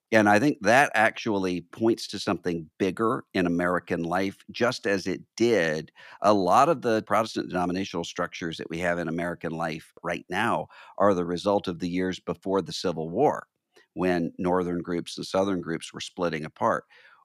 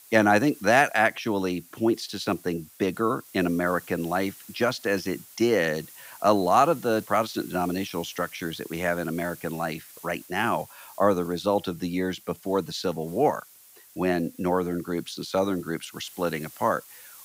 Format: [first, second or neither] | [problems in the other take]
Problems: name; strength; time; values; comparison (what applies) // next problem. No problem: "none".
first | hiss; noticeable; throughout; 20 dB below the speech